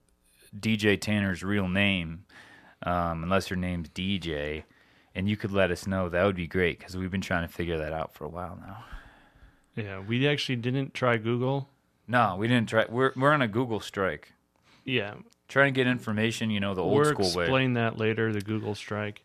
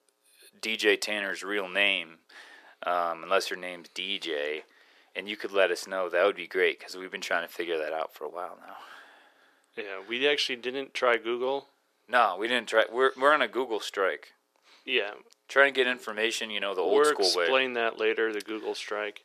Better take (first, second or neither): first